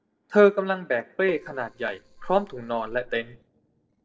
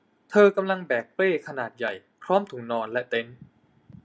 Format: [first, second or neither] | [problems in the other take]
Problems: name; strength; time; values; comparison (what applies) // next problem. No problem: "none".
second | noise reduction (neural separator model SepFormer DNS4)